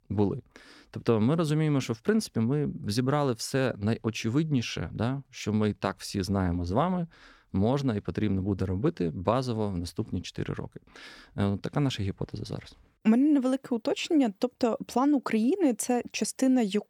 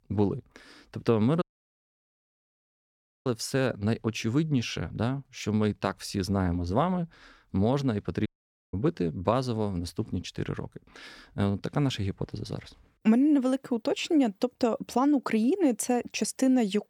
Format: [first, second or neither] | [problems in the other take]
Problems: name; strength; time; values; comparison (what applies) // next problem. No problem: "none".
first | audio cutting out; at 1.5 s for 2 s and at 8.5 s